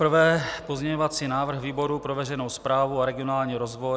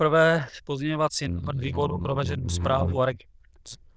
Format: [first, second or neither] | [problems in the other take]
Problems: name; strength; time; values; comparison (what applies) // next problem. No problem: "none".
first | noise reduction (neural diffusion model UNIVERSE++)